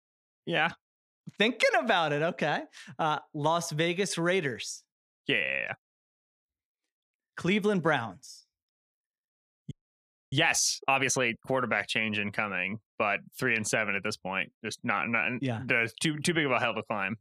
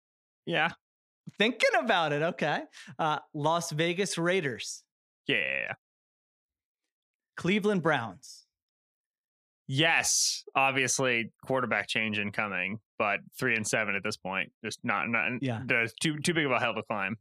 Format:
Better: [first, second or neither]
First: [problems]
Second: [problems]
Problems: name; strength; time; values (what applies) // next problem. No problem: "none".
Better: second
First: audio freezing; at 9.5 s for 0.5 s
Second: none